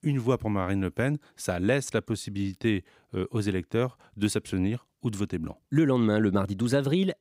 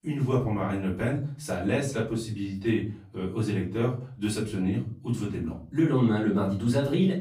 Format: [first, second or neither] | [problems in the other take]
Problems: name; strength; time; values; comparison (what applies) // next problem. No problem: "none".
first | room echo; slight; dies away in 0.4 s // off-mic speech; far